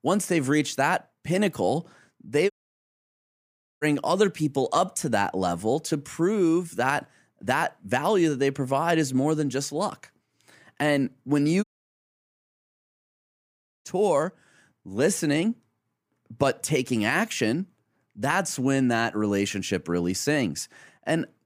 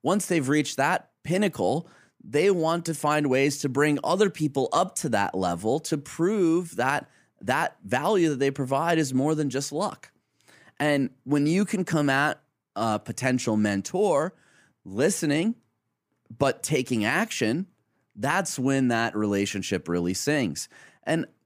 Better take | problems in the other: second | audio cutting out; at 2.5 s for 1.5 s and at 12 s for 2 s

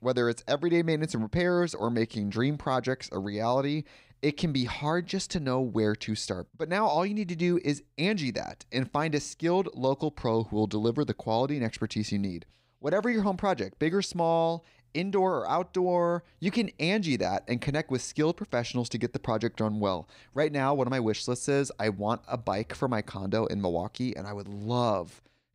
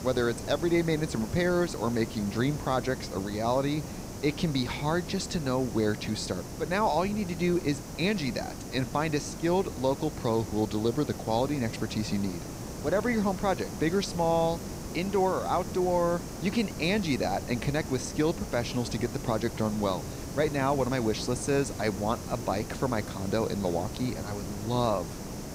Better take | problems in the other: first | hiss; loud; throughout; 9 dB below the speech

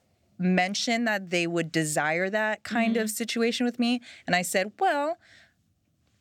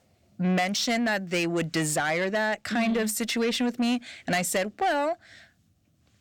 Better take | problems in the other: first | distortion; slight; 10 dB below the speech

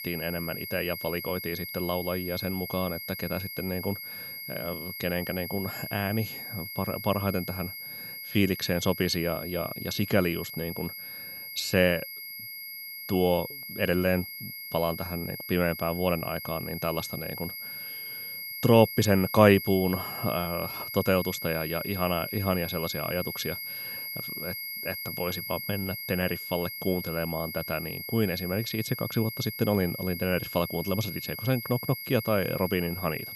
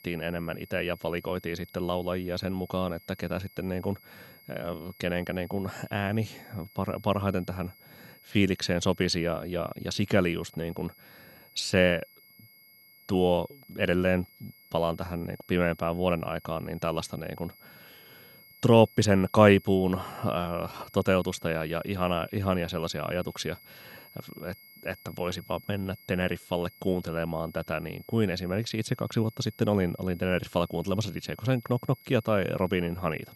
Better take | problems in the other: second | high-pitched whine; loud; throughout; 2 kHz, 7 dB below the speech; faint in the second

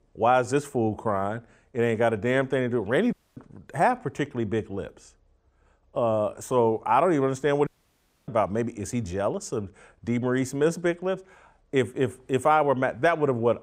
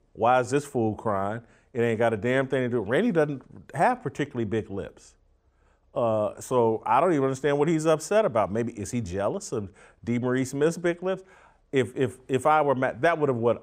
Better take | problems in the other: second | audio cutting out; at 3 s and at 7.5 s for 0.5 s

